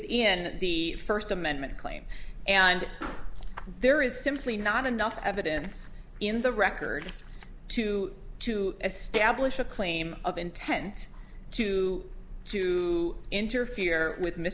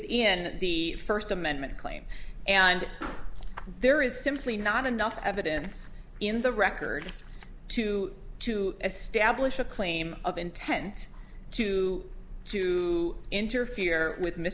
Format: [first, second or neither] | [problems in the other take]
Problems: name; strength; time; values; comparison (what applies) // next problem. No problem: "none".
second | background sound (Snare drum); 15 dB below the speech